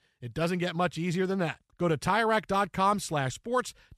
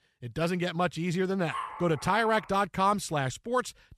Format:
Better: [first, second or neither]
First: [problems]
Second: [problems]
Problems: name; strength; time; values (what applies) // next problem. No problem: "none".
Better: first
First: none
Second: dog barking; noticeable; at 1.5 s; peak 8 dB below the speech